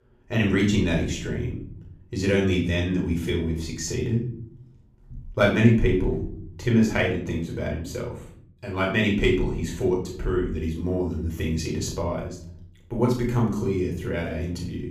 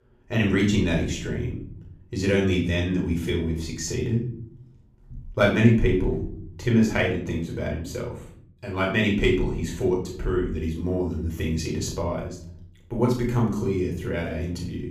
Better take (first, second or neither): neither